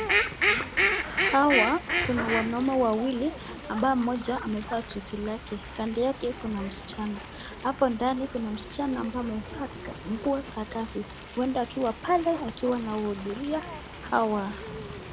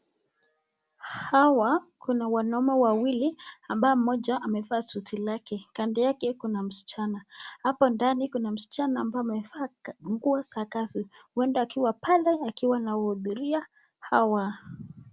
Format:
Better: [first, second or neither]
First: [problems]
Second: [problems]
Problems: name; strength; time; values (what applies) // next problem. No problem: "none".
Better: second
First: background sound (Fowl); 4 dB below the speech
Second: none